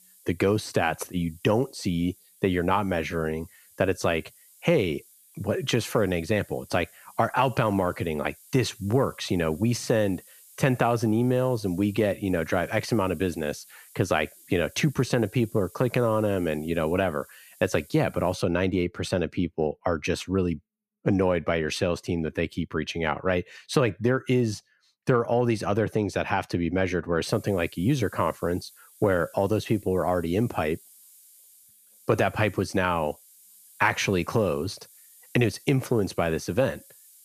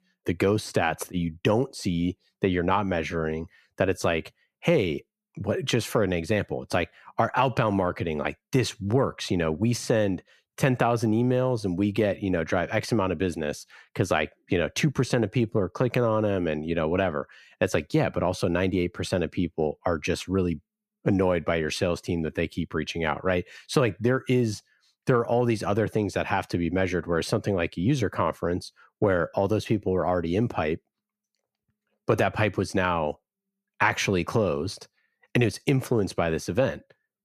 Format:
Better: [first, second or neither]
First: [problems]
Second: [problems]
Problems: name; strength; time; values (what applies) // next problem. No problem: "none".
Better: second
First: hiss; faint; until 18 s and from 27 s on; 25 dB below the speech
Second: none